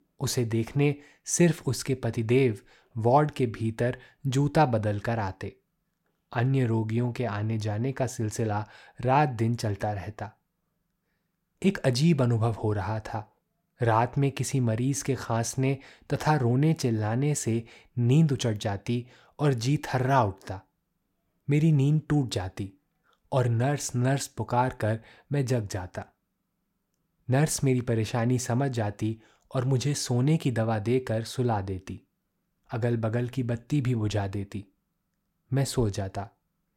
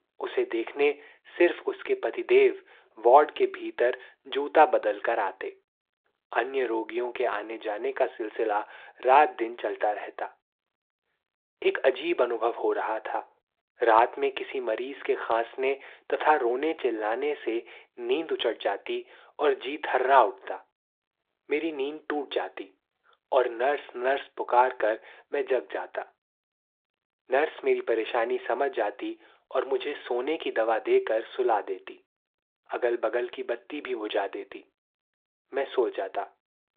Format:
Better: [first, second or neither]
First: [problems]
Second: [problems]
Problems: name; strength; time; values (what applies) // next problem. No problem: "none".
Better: first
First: none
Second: phone-call audio; nothing above 3.5 kHz